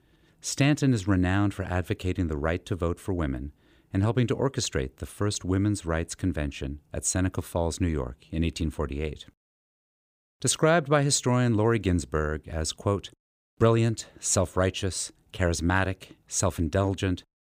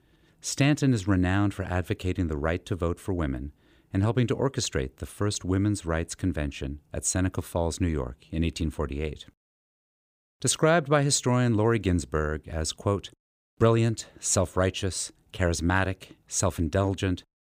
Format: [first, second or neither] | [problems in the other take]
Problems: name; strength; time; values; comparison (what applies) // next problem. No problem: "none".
neither | none